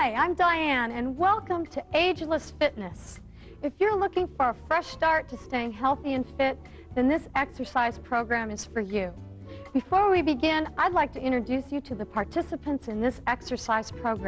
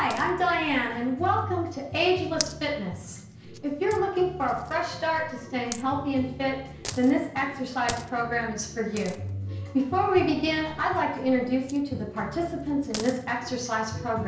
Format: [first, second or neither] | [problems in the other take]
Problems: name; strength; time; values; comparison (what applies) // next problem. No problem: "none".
first | background sound (Coin (dropping)); 17 dB below the speech // room echo; dies away in 0.5 s